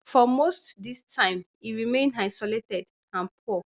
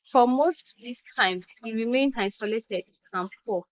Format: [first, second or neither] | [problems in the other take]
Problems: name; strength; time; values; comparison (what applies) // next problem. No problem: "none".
first | noise reduction (neural mask model Resemble Enhance denoiser)